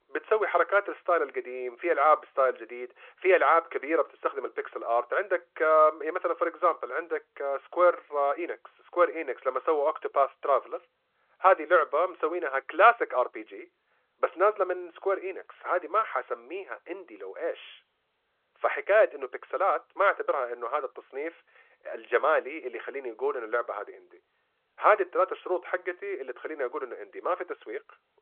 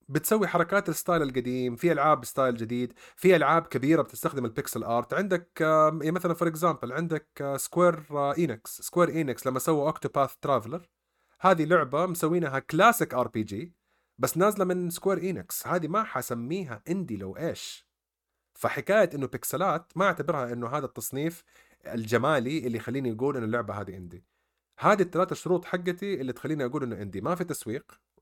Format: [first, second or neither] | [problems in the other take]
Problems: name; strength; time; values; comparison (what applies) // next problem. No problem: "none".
second | phone-call audio